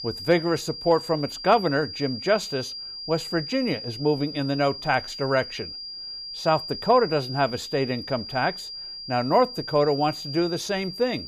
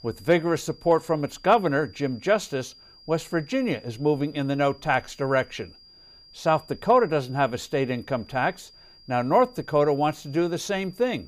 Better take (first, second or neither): second